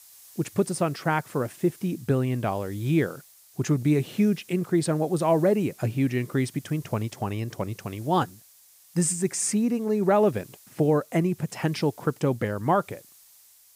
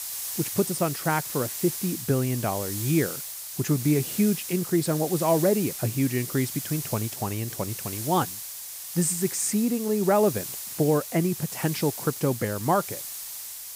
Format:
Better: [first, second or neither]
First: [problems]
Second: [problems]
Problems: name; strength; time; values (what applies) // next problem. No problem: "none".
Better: first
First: hiss; faint; throughout; 25 dB below the speech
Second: hiss; loud; throughout; 6 dB below the speech